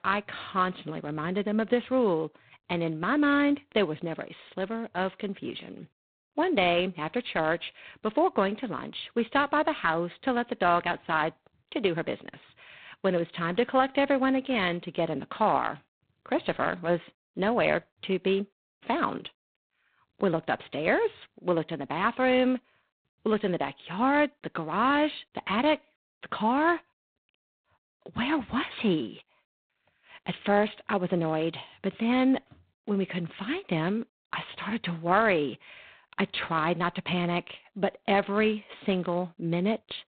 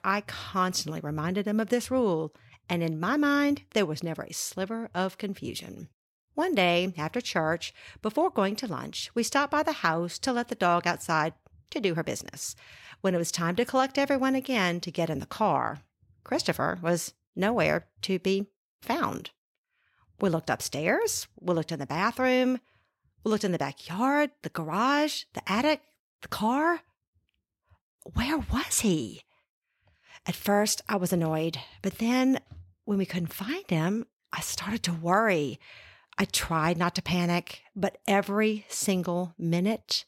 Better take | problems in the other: second | phone-call audio; poor line; nothing above 4 kHz

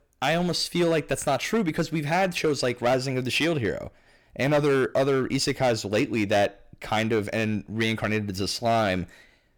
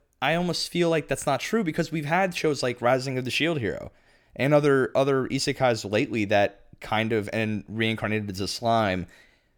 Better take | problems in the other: second | distortion; slight; 7% of the sound clipped

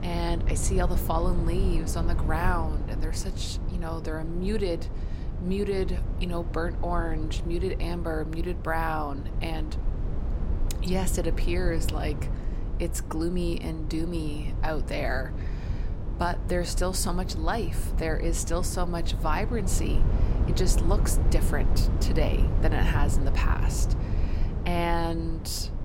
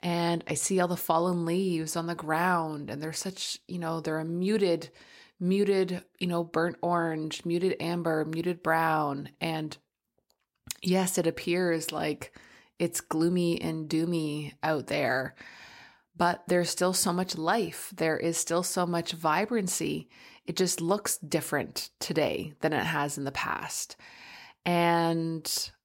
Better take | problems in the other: second | low rumble; loud; throughout; 10 dB below the speech

